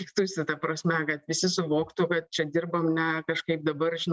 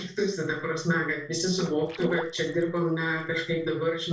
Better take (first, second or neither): first